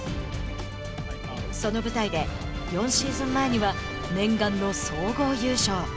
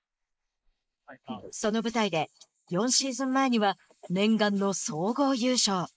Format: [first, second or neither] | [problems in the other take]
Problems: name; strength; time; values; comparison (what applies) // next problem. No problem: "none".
first | noise reduction (neural mask model Resemble Enhance denoiser)